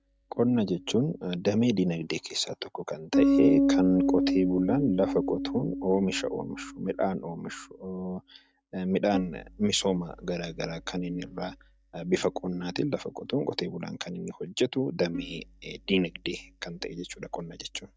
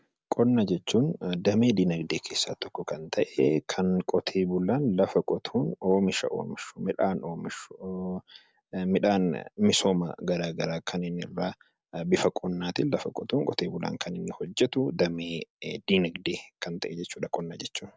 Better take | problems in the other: second | noise reduction (neural mask model DeepFilterNet 3)

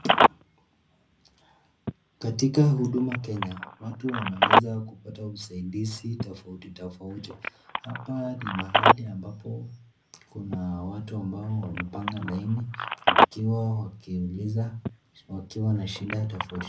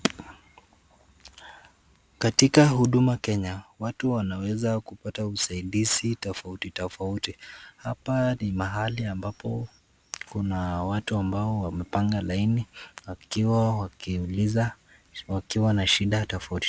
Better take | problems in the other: second | background sound (Telephone); 2 dB above the speech // room echo; dies away in 0.4 s

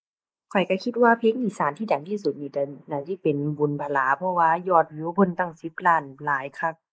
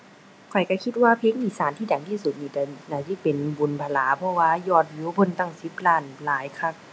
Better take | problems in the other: second | noise reduction (neural mask model Resemble Enhance denoiser)

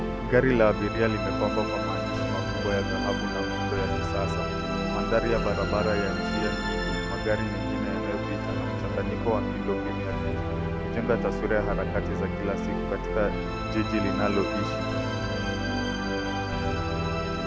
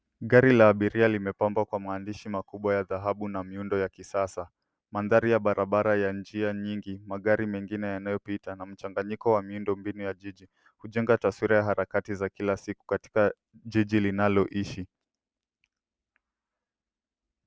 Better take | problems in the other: second | background sound (Musical instrument); 2 dB above the speech

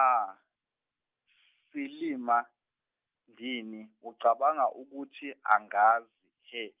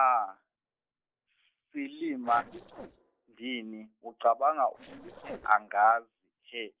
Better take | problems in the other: first | noise reduction (neural separator model SepFormer DNS4)

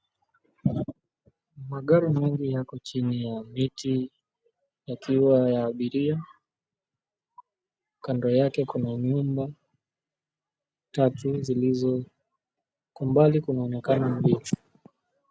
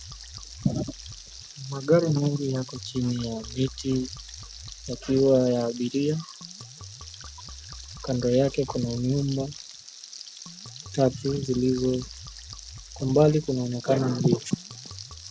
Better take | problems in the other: first | background sound (Frying (food) + Liquid); 15 dB below the speech

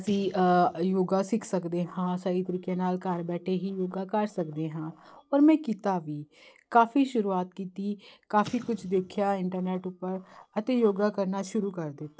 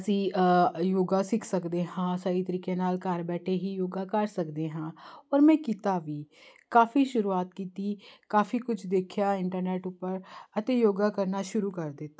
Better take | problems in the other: second | noise reduction (neural separator model SepFormer DNS4)

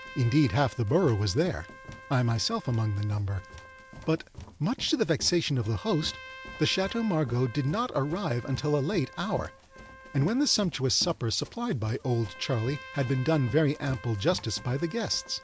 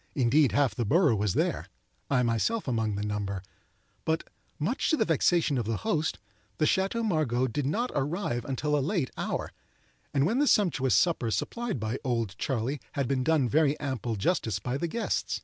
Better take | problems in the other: second | background sound (Run + Trumpet); 17 dB below the speech

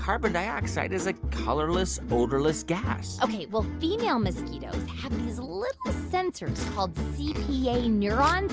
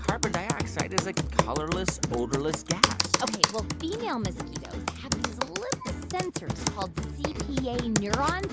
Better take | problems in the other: first | background sound (Computer keyboard); 1 dB above the speech

